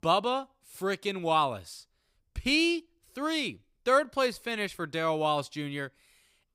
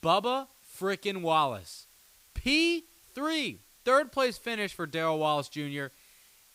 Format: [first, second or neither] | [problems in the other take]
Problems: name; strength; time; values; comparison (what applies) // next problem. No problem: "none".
first | hiss; faint; throughout; 30 dB below the speech